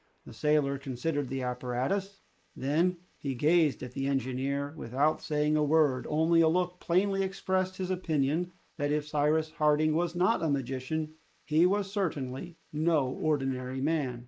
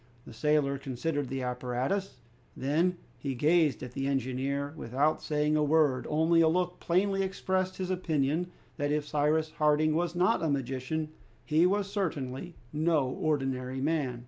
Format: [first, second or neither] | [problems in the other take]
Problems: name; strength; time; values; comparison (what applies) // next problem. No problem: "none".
second | noise reduction (neural mask model Resemble Enhance denoiser)